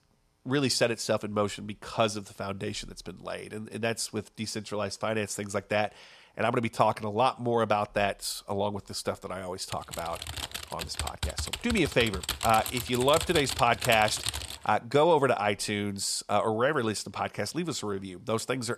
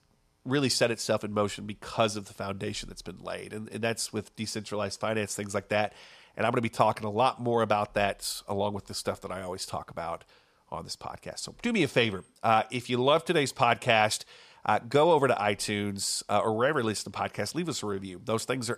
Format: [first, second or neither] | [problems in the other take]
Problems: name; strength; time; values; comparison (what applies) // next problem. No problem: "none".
second | keyboard typing; noticeable; from 9.5 to 15 s; peak 3 dB below the speech